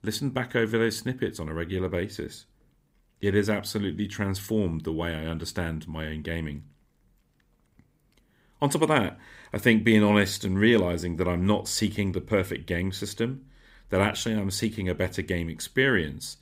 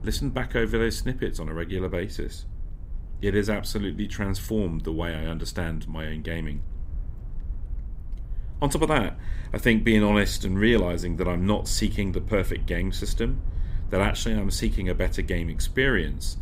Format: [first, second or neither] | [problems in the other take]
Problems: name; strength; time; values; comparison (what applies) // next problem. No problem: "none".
first | low rumble; faint; throughout; 25 dB below the speech